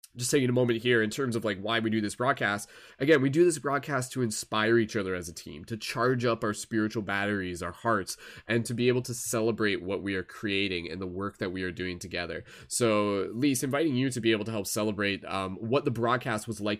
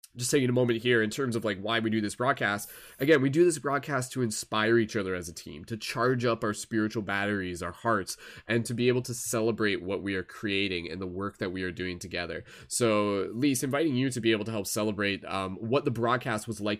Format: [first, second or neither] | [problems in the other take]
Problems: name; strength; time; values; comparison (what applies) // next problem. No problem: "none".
first | jangling keys; faint; at 2.5 s; peak 15 dB below the speech